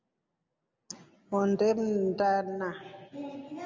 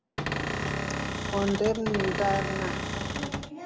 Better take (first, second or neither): first